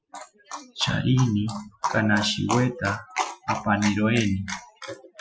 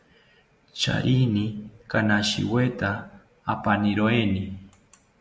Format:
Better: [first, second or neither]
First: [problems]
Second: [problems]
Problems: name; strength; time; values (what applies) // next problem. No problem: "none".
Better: second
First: noise reduction (classical method Wiener filter)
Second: none